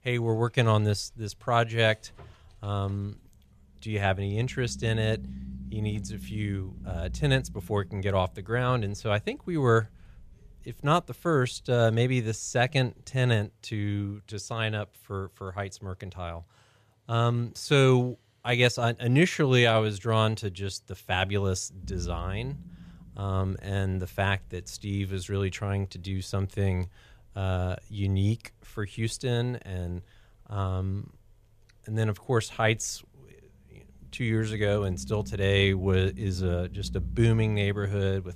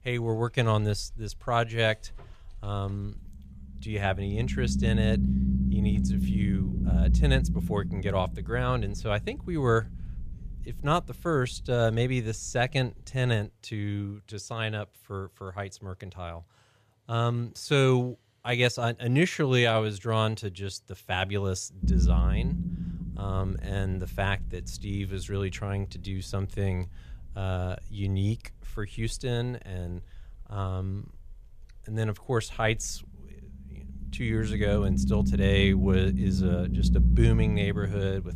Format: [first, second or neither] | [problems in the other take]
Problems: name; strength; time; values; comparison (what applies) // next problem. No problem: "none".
first | low rumble; loud; until 13 s and from 22 s on; 7 dB below the speech; faint in the first